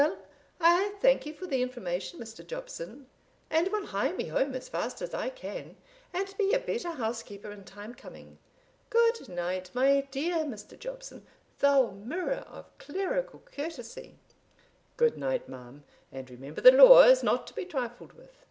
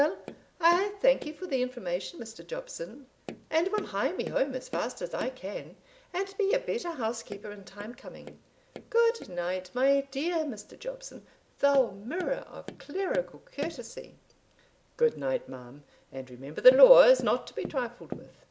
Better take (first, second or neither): first